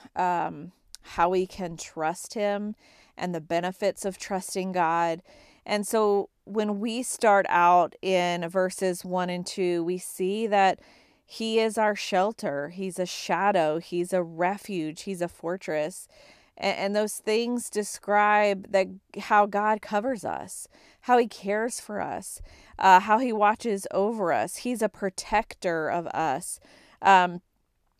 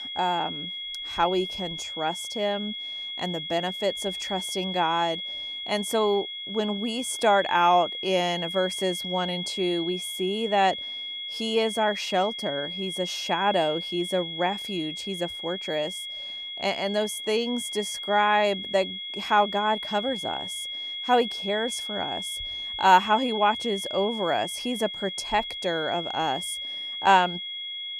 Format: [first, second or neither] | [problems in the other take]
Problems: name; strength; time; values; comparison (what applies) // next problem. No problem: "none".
first | high-pitched whine; loud; throughout; 3.5 kHz, 5 dB below the speech